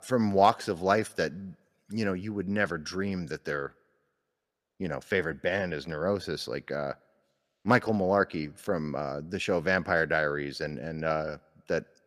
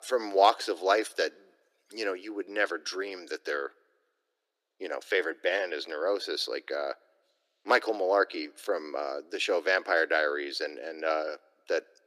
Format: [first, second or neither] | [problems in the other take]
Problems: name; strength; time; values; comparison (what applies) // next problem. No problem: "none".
first | thin; very; fading below 300 Hz